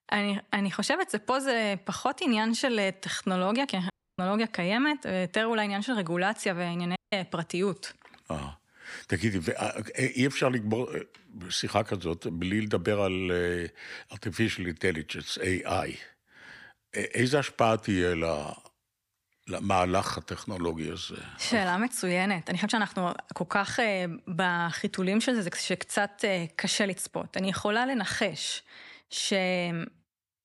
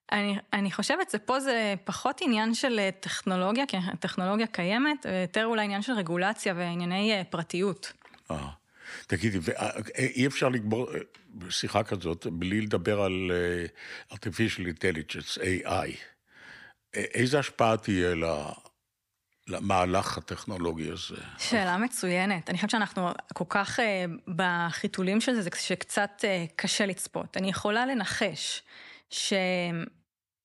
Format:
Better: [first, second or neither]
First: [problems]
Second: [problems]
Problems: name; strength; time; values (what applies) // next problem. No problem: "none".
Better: second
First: audio cutting out; at 4 s and at 7 s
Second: none